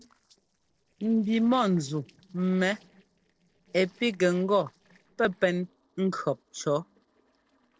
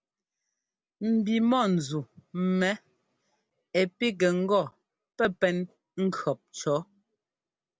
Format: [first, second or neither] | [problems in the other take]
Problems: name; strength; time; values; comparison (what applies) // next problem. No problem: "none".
second | noise reduction (neural separator model SepFormer DNS4)